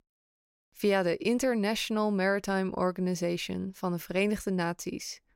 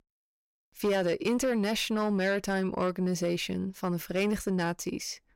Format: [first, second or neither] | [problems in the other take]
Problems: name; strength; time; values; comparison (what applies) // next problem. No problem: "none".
first | distortion; slight; 10 dB below the speech